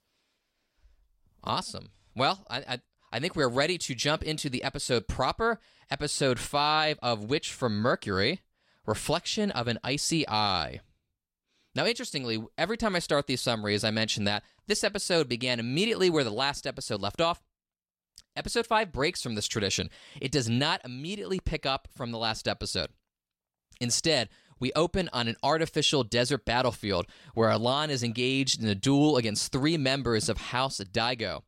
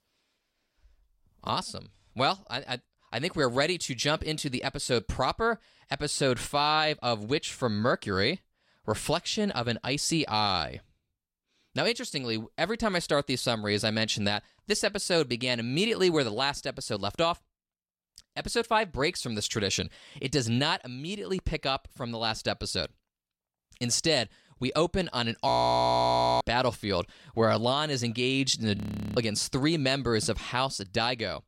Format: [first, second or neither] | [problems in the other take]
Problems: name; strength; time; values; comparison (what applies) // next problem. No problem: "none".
first | audio freezing; at 25 s for 1 s and at 29 s